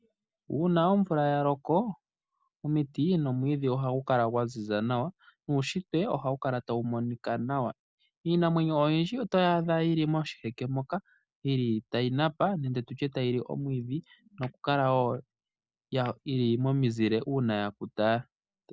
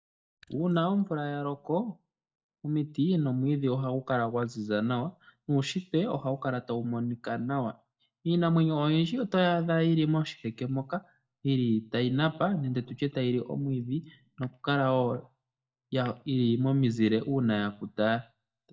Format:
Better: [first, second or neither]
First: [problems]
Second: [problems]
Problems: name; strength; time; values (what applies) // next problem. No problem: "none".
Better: first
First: none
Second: noise reduction (neural mask model DeepFilterNet 3)